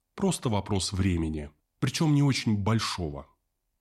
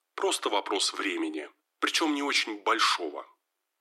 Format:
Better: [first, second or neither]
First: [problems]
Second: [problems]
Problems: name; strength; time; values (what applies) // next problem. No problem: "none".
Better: first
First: none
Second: thin; very; fading below 300 Hz